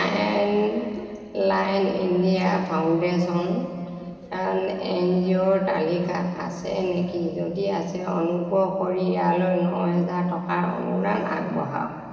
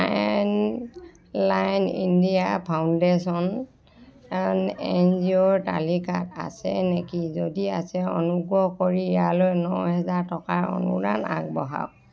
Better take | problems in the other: second | room echo; dies away in 2.7 s

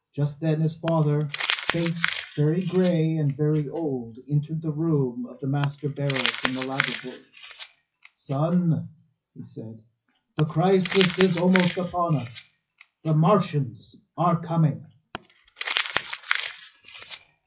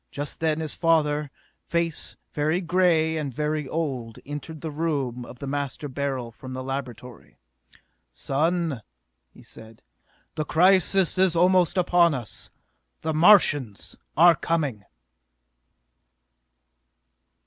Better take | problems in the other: second | noise reduction (classical method WPE with log-MMSE)

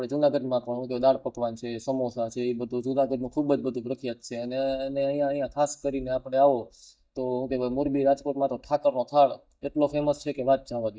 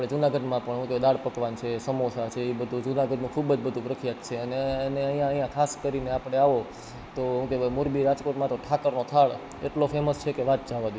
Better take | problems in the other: second | noise reduction (neural mask model DeepFilterNet 3)

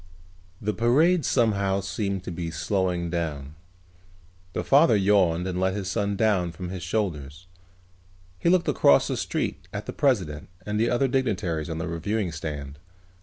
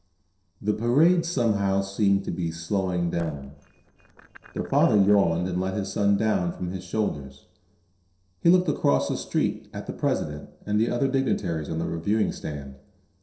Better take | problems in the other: first | noise reduction (neural separator model SepFormer DNS4)

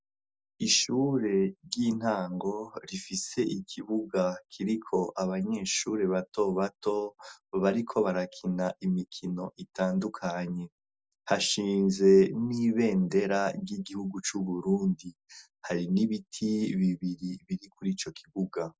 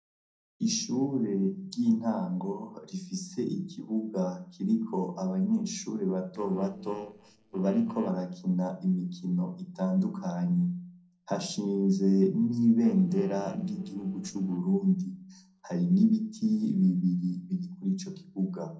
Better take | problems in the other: first | noise reduction (neural separator model SepFormer DNS4)

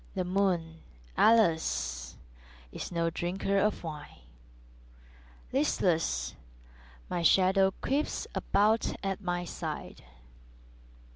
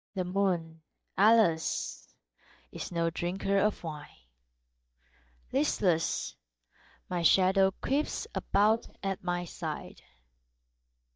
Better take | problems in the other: first | noise reduction (neural mask model DeepFilterNet 3)

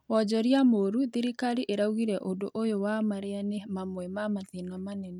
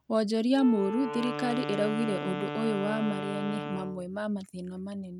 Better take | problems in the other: first | background sound (Wind instrument, woodwind instrument); 7 dB below the speech

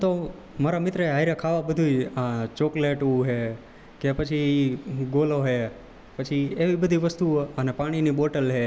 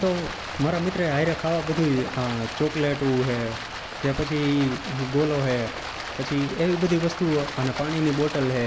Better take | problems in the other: first | background sound (Stream); 9 dB below the speech

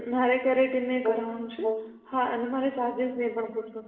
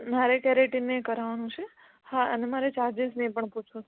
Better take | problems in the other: second | noise reduction (neural separator model SepFormer DNS4)

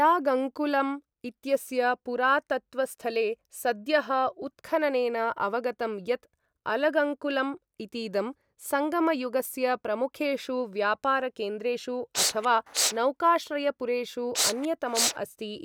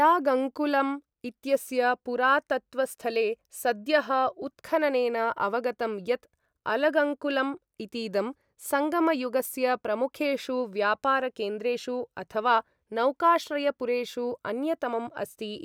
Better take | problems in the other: second | background sound (Respiratory sounds); as loud as the speech

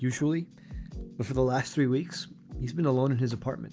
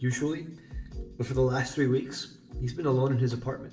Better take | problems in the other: first | room echo; dies away in 0.6 s

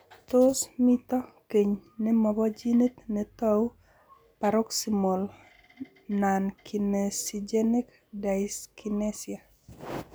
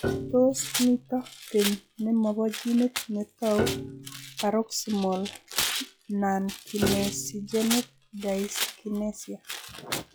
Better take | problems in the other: first | noise reduction (classical method log-MMSE)

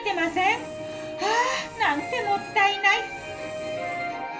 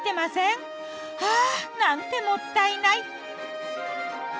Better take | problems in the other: second | background sound (Engine); 19 dB below the speech // room echo; dies away in 0.3 s

